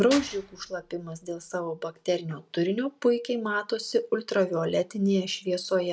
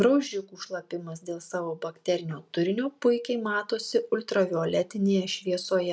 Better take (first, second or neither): second